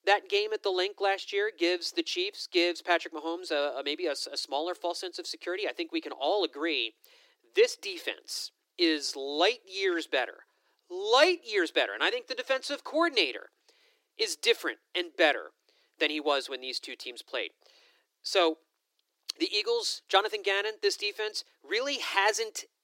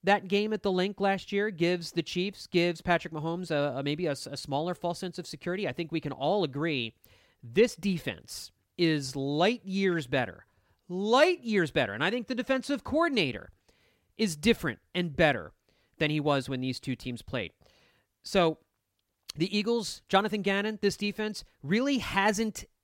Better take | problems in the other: second | thin; very; fading below 300 Hz

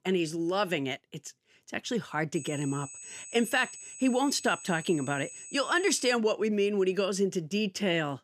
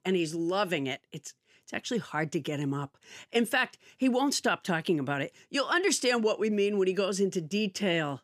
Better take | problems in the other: second | high-pitched whine; noticeable; from 2.5 to 6 s; 8 kHz, 15 dB below the speech

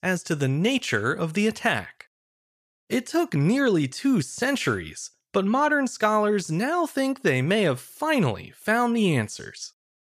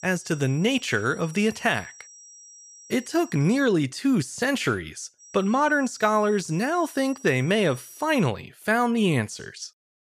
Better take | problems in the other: first | high-pitched whine; faint; until 3.5 s and from 5 to 8.5 s; 5.5 kHz, 20 dB below the speech

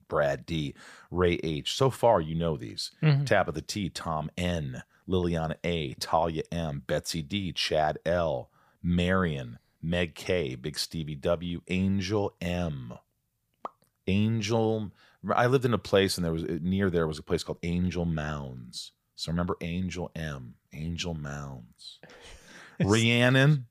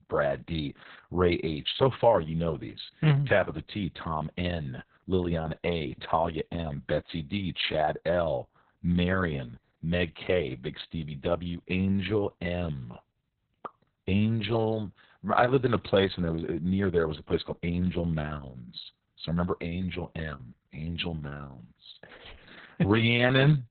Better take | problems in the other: first | garbled, watery; badly; nothing above 4 kHz

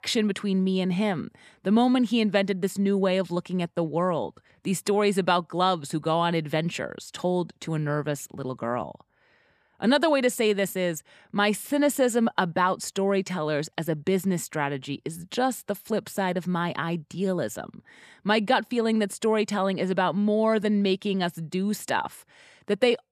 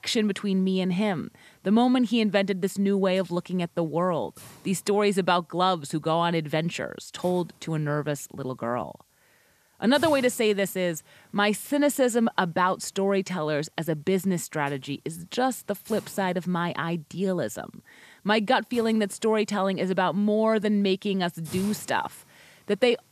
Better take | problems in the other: first | hiss; faint; throughout; 25 dB below the speech

